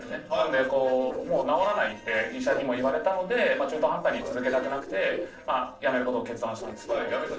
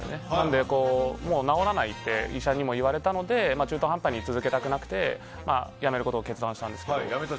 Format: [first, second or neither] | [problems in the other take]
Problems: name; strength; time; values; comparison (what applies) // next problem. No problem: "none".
second | noise reduction (neural separator model SepFormer DNS4)